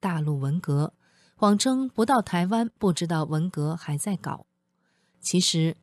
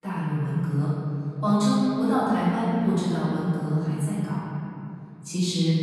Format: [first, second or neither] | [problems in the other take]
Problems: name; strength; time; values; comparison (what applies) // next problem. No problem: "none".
first | room echo; strong; dies away in 2.9 s // off-mic speech; far